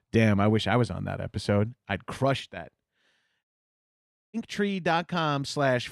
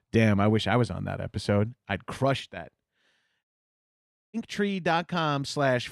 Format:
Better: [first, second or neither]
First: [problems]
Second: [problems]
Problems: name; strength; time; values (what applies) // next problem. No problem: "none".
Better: neither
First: audio cutting out; at 3.5 s for 1 s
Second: audio cutting out; at 3.5 s for 1 s